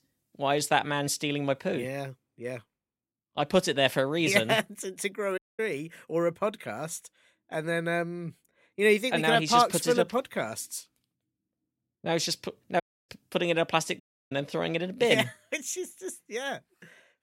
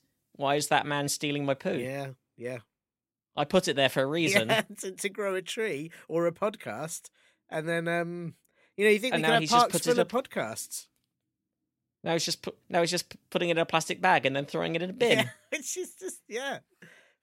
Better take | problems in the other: second | audio cutting out; at 5.5 s, at 13 s and at 14 s

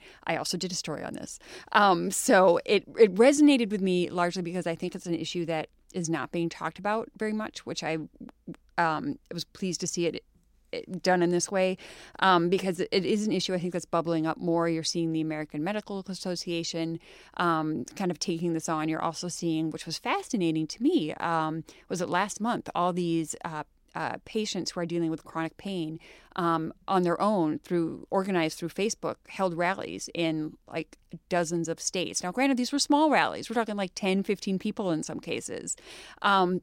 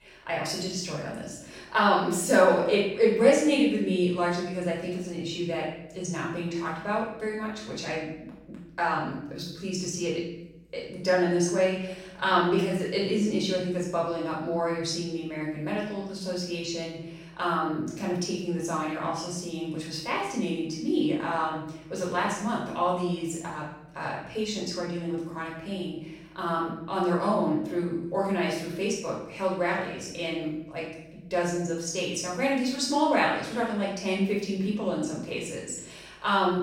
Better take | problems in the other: first | off-mic speech; far // room echo; noticeable; dies away in 0.8 s

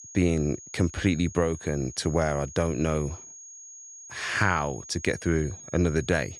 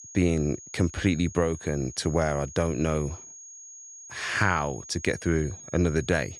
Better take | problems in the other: neither | high-pitched whine; noticeable; throughout; 6.5 kHz, 15 dB below the speech; the same in both

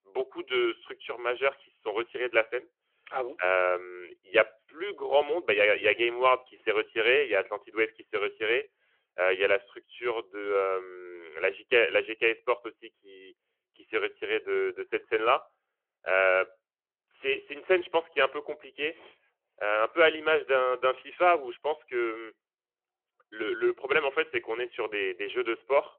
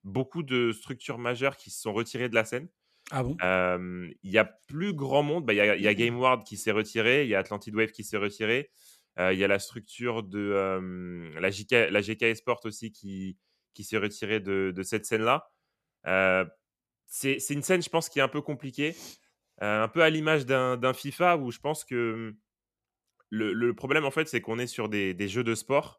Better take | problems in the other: second | phone-call audio

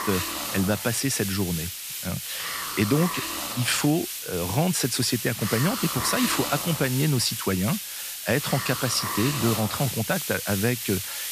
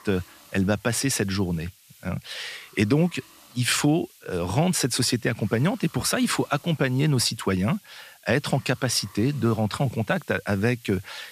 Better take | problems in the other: second | hiss; loud; throughout; 4 dB below the speech; faint in the second

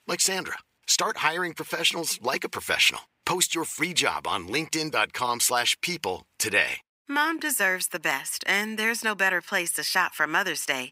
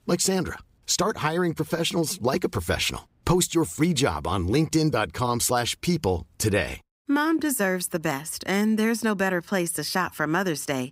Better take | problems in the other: second | thin; somewhat; fading below 1 kHz

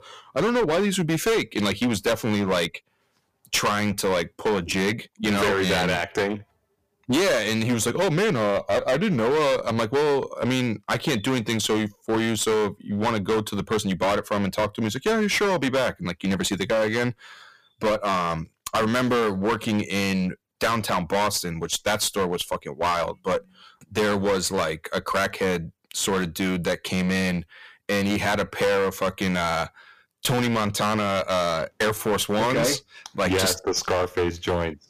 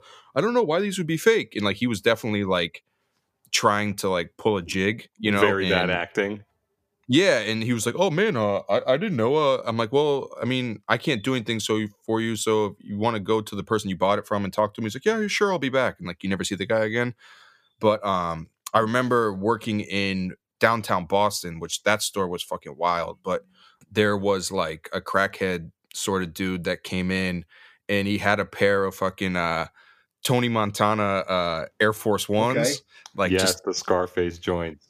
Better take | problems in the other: second | distortion; heavy; 17% of the sound clipped

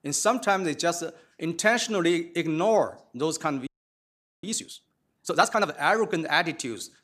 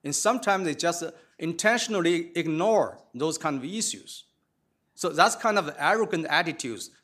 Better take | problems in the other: second | audio freezing; at 3.5 s for 1 s

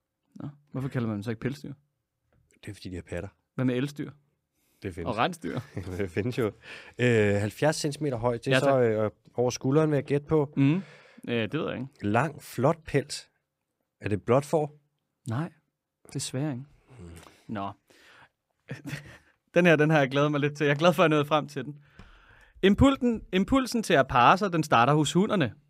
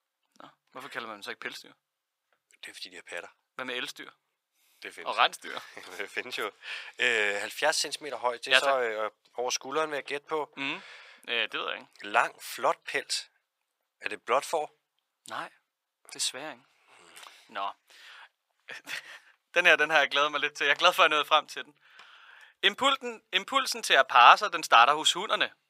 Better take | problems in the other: first | thin; very; fading below 950 Hz

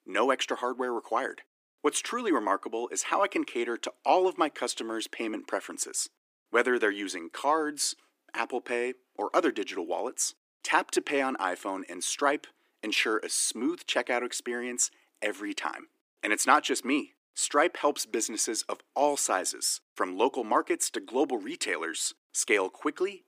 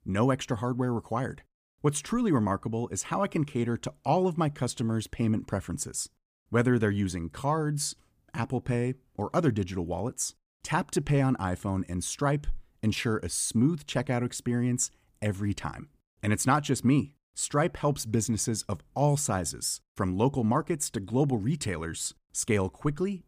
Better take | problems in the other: second | thin; somewhat; fading below 300 Hz

